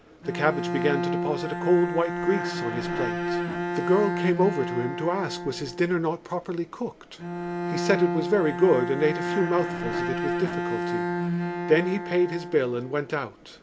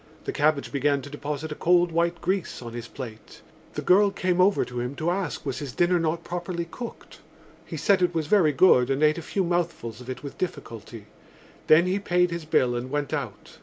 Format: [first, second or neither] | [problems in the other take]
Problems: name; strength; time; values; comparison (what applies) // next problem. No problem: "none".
second | background sound (Bowed string instrument); 3 dB below the speech